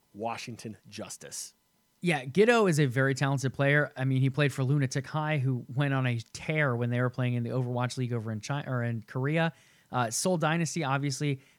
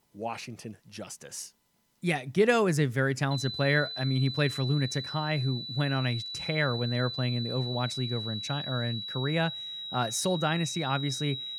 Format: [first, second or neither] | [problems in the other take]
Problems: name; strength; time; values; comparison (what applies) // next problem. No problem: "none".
first | high-pitched whine; loud; from 3.5 s on; 4 kHz, 6 dB below the speech